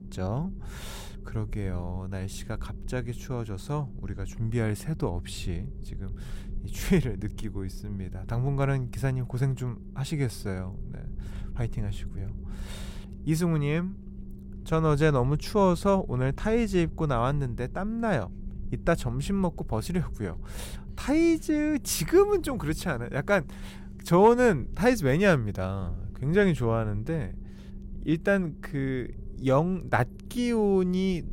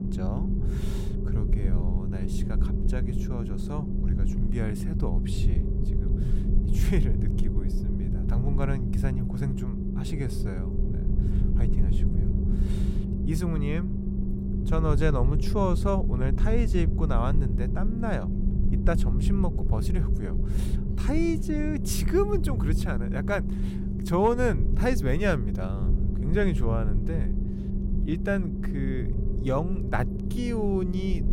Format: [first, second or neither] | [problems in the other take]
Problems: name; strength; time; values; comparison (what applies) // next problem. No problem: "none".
first | low rumble; loud; throughout; 7 dB below the speech; faint in the first